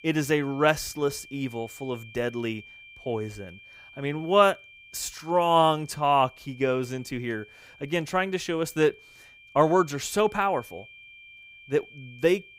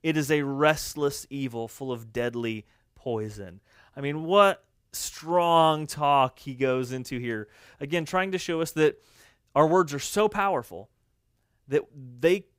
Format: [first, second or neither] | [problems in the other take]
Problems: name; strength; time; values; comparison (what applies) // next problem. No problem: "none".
second | high-pitched whine; faint; throughout; 2.5 kHz, 20 dB below the speech